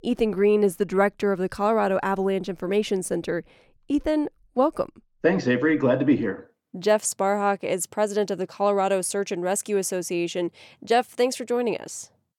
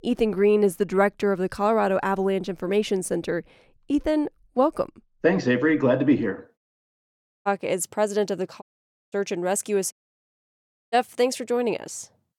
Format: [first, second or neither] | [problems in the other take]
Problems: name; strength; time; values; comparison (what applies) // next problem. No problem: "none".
first | audio cutting out; at 6.5 s for 1 s, at 8.5 s for 0.5 s and at 10 s for 1 s